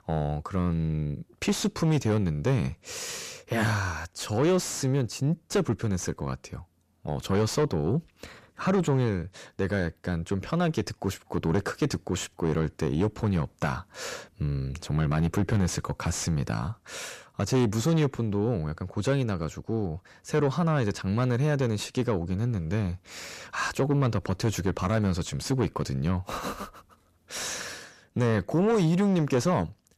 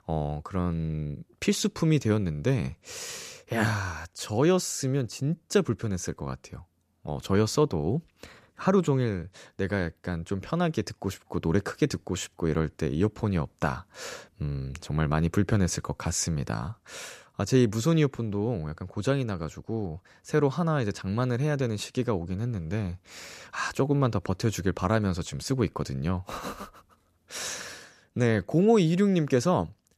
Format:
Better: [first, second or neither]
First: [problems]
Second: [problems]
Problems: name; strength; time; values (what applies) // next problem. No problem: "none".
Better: second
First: distortion; slight; 10 dB below the speech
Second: none